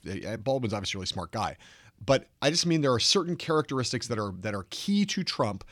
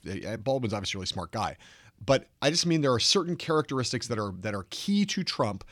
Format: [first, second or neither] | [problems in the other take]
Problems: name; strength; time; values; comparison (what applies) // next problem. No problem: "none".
neither | none